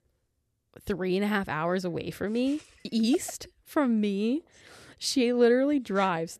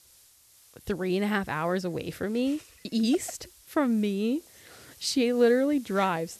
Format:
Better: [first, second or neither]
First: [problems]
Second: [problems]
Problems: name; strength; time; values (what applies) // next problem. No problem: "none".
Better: first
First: none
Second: hiss; faint; throughout; 25 dB below the speech